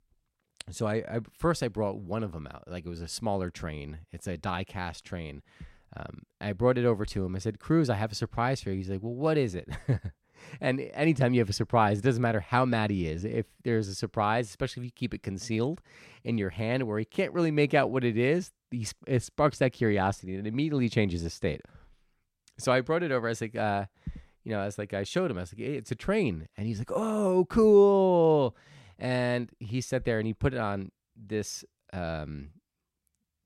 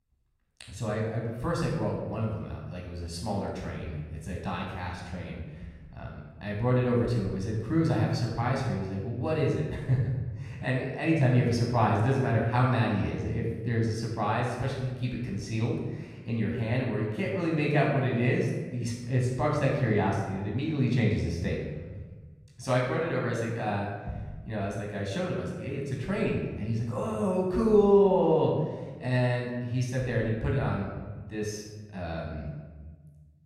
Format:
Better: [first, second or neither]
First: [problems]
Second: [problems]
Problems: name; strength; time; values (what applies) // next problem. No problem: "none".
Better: first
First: none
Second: off-mic speech; far // room echo; noticeable; dies away in 1.4 s